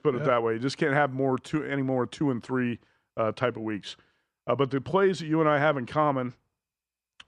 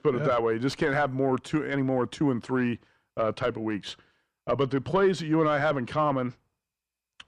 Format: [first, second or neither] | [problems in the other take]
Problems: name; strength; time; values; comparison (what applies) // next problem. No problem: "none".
first | distortion; slight; 10 dB below the speech